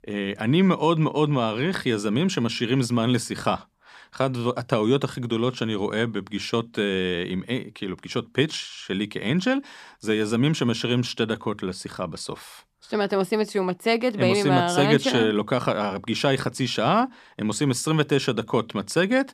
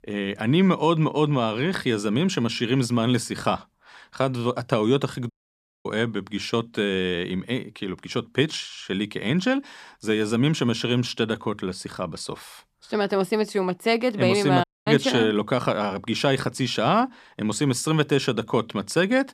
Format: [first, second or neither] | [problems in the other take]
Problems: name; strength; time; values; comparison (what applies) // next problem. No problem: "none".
first | audio cutting out; at 5.5 s for 0.5 s and at 15 s